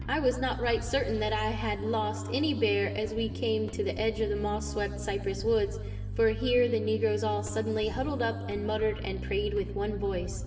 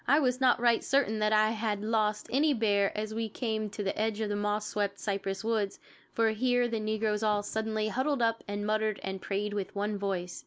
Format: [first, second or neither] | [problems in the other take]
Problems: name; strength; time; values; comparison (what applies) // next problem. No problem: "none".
second | background sound (Bass guitar); 6 dB below the speech // room echo; dies away in 1.6 s